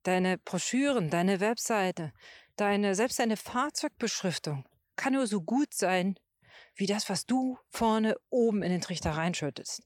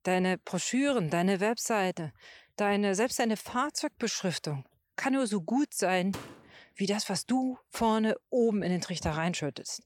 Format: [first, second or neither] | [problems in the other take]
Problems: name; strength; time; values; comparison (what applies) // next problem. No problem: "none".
first | door banging; faint; at 6 s; peak 15 dB below the speech